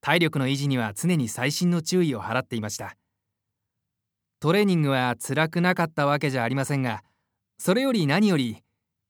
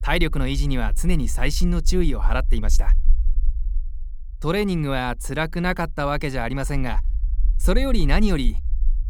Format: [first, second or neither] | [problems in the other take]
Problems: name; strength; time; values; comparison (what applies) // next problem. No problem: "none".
first | low rumble; faint; throughout; 25 dB below the speech